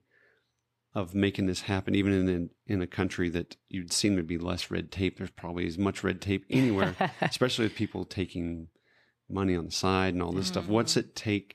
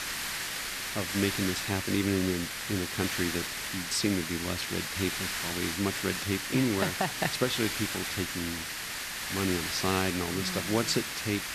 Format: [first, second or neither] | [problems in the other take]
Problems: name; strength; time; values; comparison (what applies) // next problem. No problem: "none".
first | hiss; loud; throughout; 1 dB below the speech